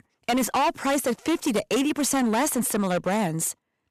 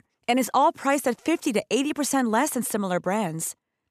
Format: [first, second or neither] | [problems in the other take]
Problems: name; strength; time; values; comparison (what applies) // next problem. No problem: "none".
second | distortion; heavy; 16% of the sound clipped